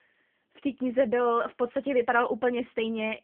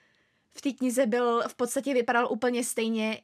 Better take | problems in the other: second | phone-call audio; nothing above 3.5 kHz

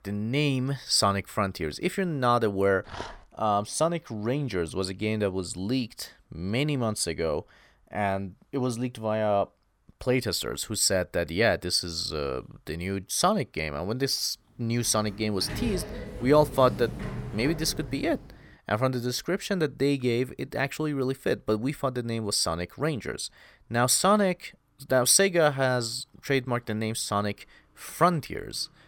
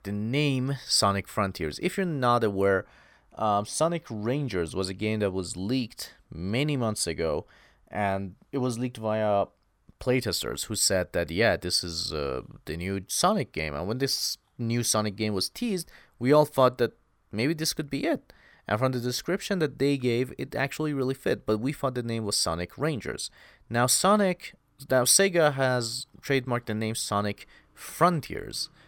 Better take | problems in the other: second | dog barking; faint; at 3 s; peak 10 dB below the speech // door banging; noticeable; from 15 to 18 s; peak 7 dB below the speech

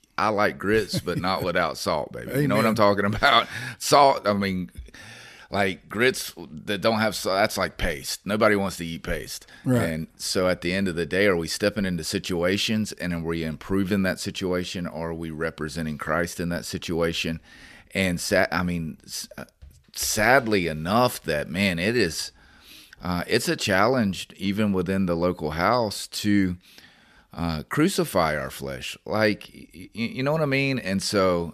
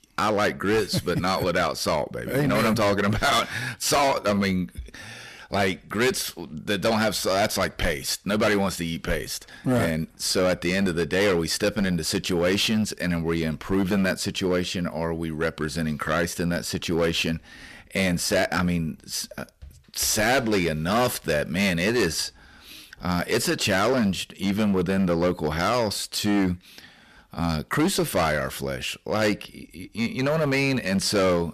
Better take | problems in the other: first | distortion; heavy; 11% of the sound clipped

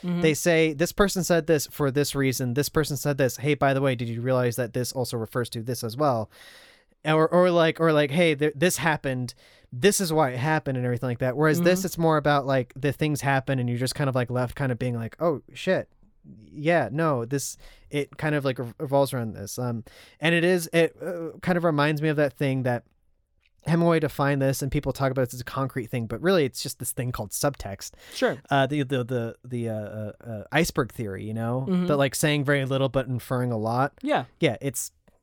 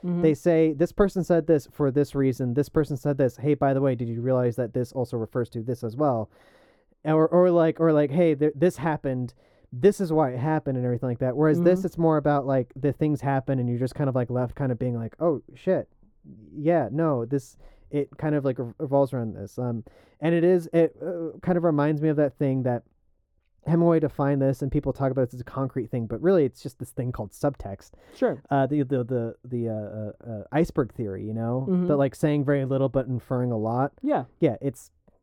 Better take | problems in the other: first | muffled; very; fading above 1.5 kHz

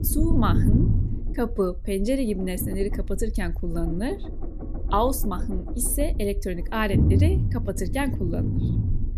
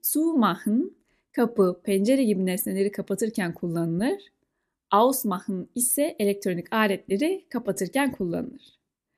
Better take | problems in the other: second | low rumble; loud; throughout; 8 dB below the speech

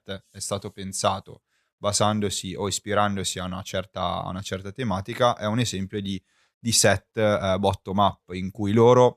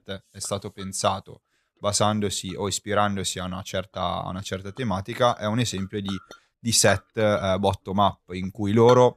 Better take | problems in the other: first | household noises; noticeable; throughout; 20 dB below the speech

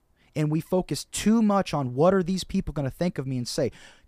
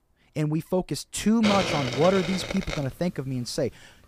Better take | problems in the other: first | hiss; very faint; from 1.5 s on; 4 dB below the speech

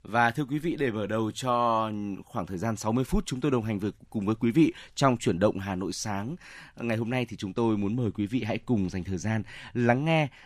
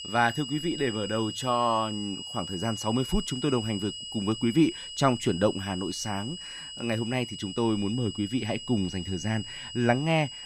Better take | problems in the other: first | high-pitched whine; loud; throughout; 3 kHz, 8 dB below the speech

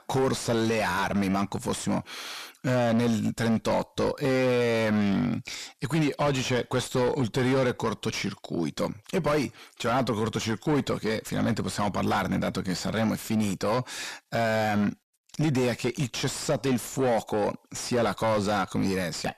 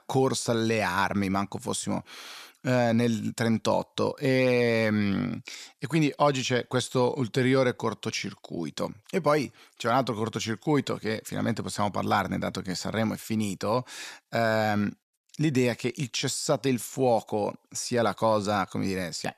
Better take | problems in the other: second | distortion; heavy; 8 dB below the speech

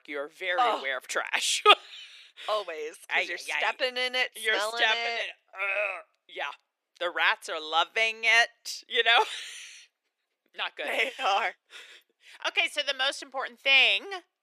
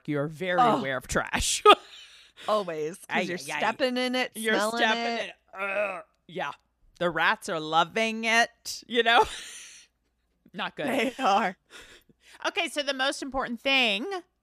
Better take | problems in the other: second | thin; very; fading below 400 Hz

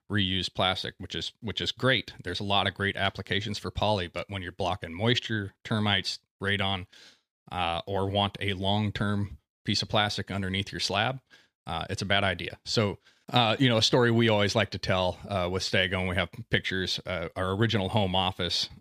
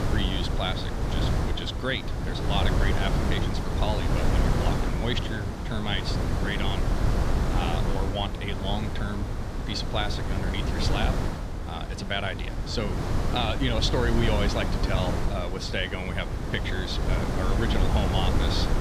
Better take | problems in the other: first | wind noise on the microphone; heavy; 2 dB below the speech

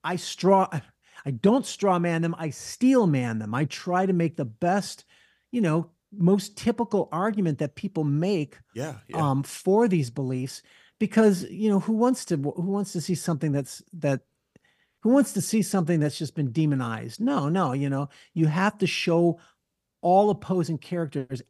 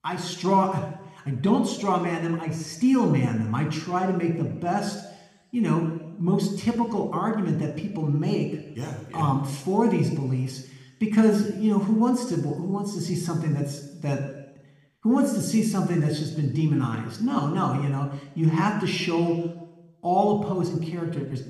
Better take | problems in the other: first | room echo; slight; dies away in 1 s

